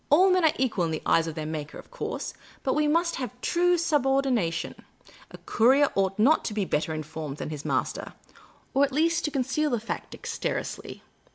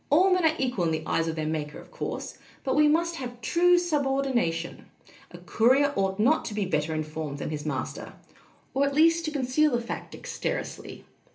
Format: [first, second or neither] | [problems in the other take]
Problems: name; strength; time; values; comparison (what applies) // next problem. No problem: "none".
first | room echo; dies away in 0.3 s